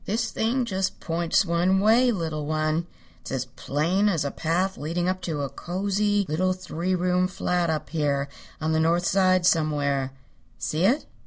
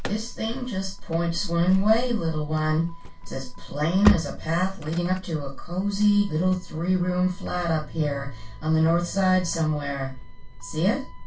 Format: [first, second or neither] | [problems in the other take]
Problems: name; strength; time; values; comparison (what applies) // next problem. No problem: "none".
first | background sound (Slam / Engine starting); 13 dB below the speech // room echo; dies away in 0.2 s